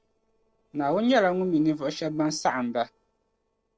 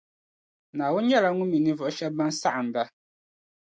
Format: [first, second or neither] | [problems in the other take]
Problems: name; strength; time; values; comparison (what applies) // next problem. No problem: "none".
second | noise reduction (neural separator model SepFormer DNS4)